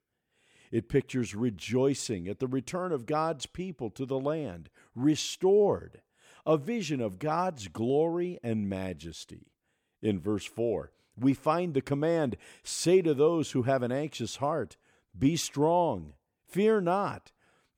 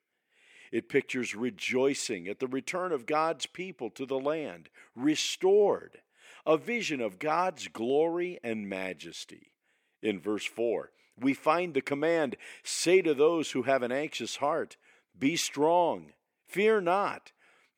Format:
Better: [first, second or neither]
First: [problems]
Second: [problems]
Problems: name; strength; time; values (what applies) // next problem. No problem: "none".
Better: first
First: none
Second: thin; very slightly; fading below 300 Hz